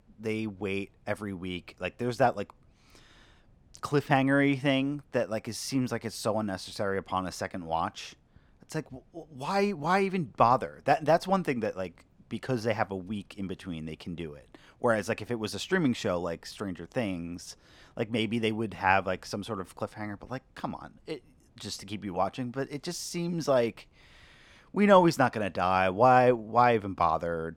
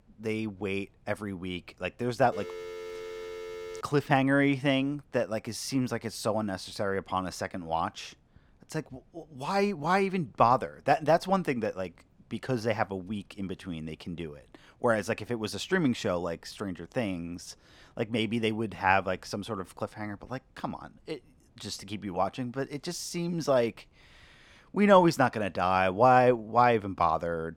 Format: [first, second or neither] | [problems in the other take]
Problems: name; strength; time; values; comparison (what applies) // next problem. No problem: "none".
first | phone ringing; faint; from 2.5 to 4 s; peak 10 dB below the speech